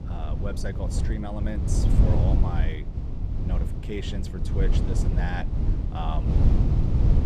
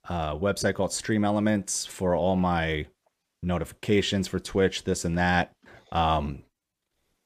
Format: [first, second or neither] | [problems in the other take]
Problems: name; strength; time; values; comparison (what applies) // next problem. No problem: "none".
second | low rumble; loud; throughout; 1 dB below the speech